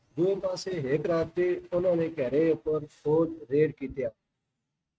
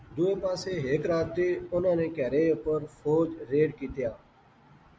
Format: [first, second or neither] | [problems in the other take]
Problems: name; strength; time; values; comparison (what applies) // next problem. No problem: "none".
second | noise reduction (neural mask model RNNoise)